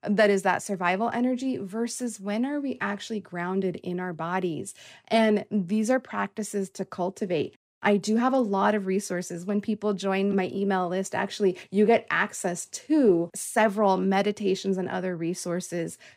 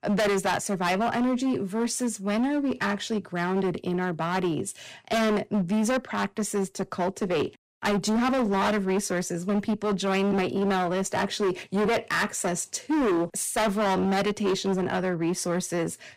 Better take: first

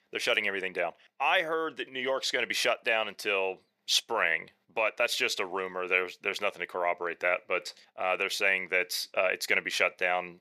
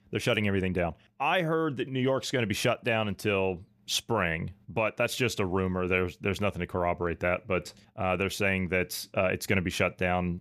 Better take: second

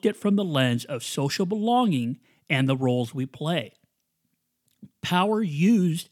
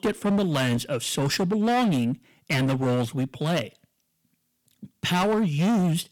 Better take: first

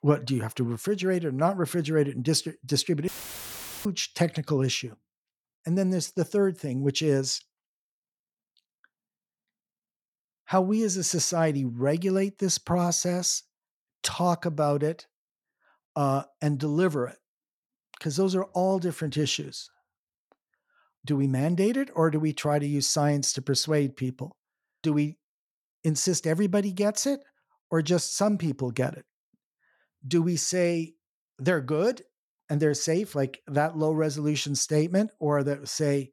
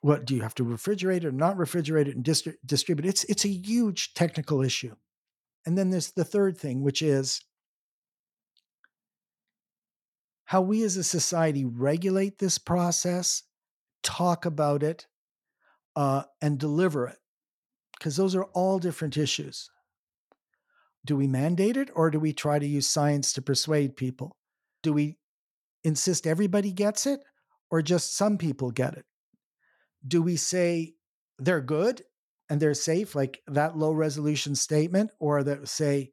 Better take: second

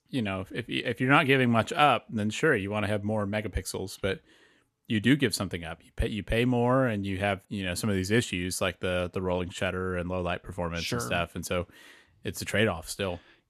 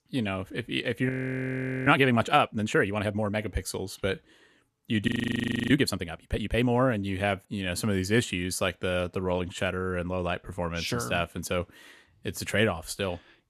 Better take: first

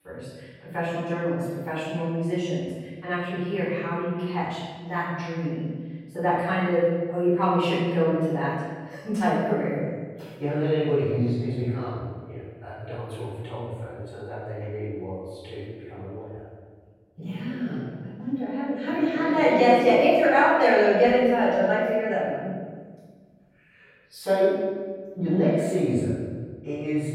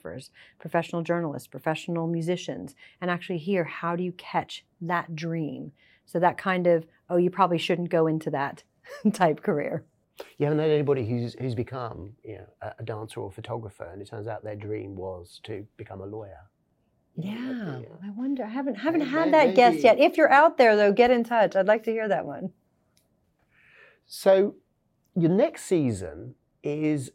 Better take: second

